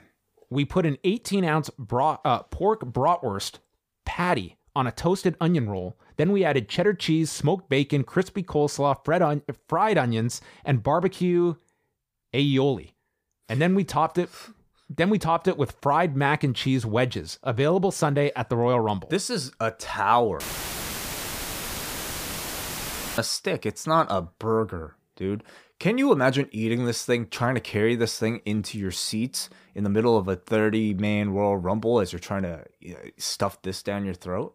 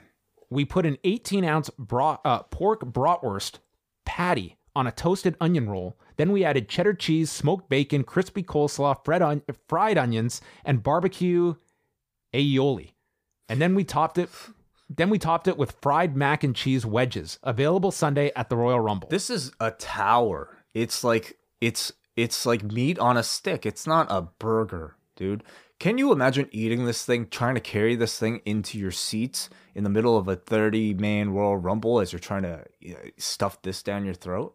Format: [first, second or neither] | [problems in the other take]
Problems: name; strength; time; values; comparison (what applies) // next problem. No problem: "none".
second | audio cutting out; filled with static; at 20 s for 3 s